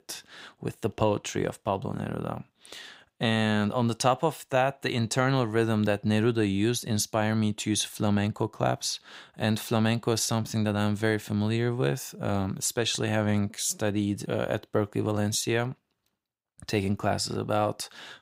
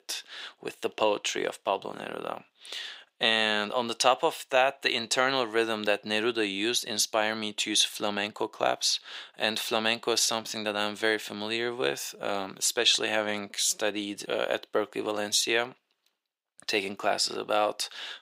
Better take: first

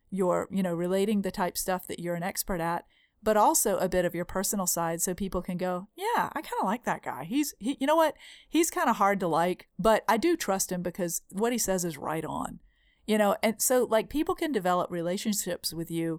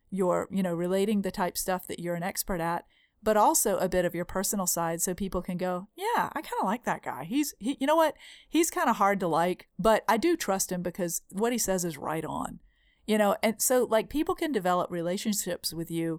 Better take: neither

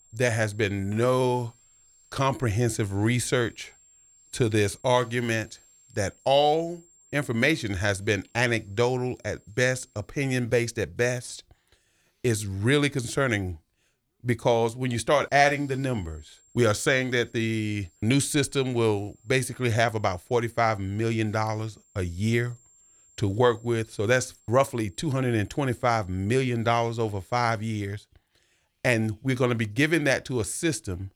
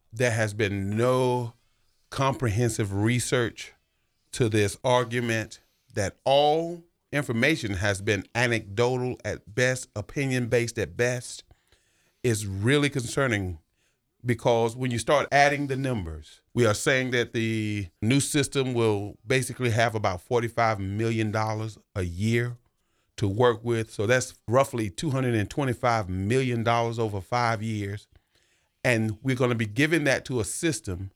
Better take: second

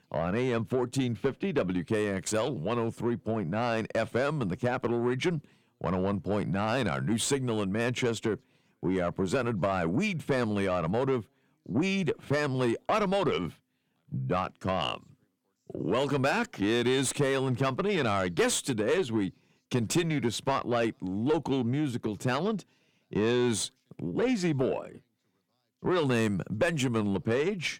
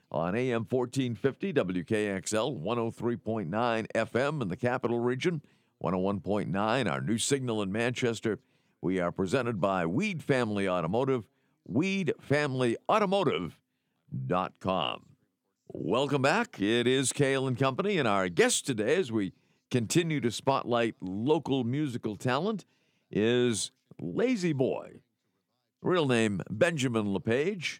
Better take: second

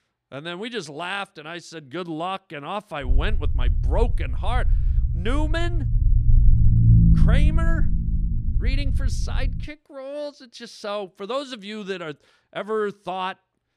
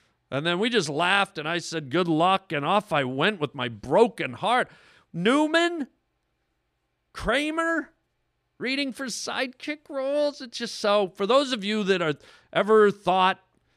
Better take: second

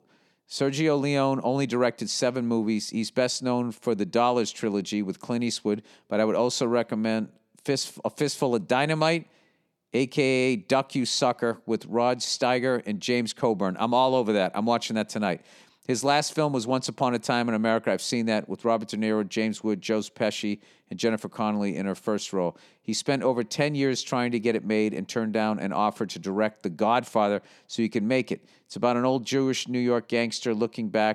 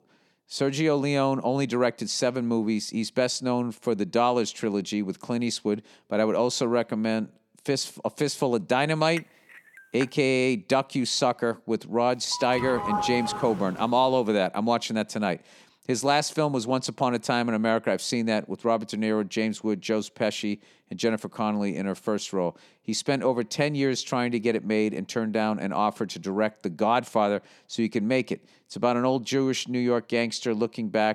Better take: first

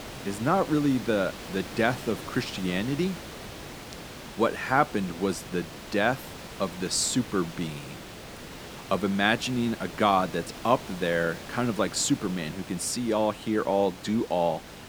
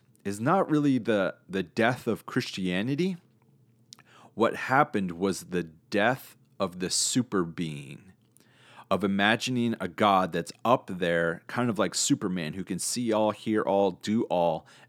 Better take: second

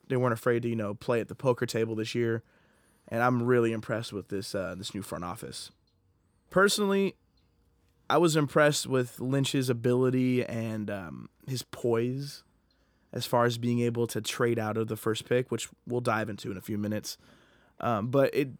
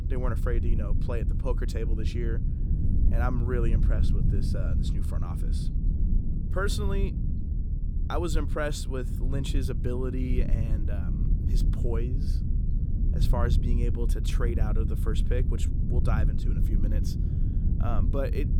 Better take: first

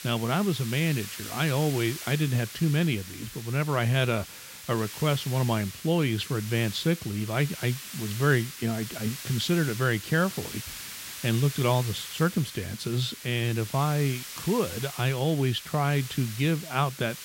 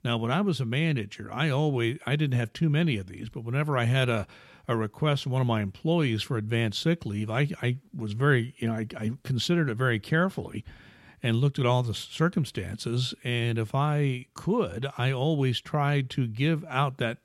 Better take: second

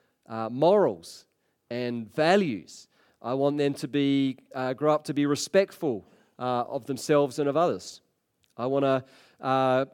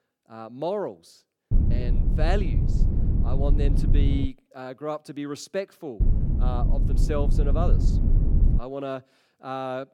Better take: first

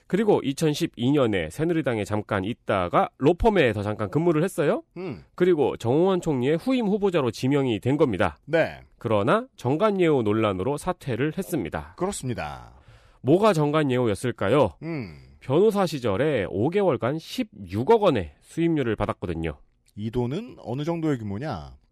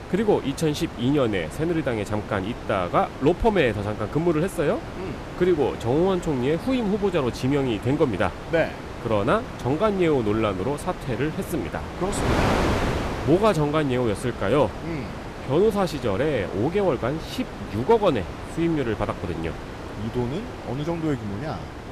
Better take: first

